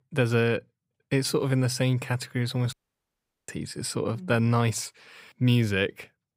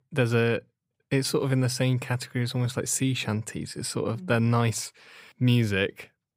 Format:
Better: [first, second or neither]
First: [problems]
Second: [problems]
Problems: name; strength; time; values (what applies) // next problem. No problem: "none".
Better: second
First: audio cutting out; at 2.5 s for 1 s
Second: none